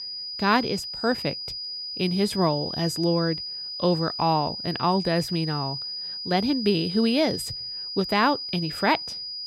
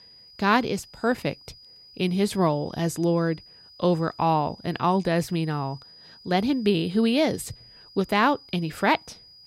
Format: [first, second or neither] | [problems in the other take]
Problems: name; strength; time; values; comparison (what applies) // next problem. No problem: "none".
second | high-pitched whine; loud; throughout; 5 kHz, 6 dB below the speech; faint in the second